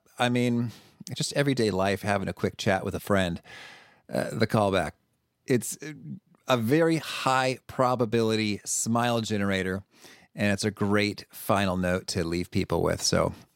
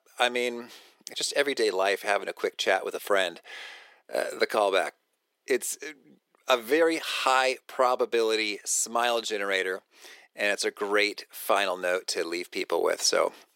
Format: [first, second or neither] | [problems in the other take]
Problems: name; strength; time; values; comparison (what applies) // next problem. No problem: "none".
first | thin; very; fading below 400 Hz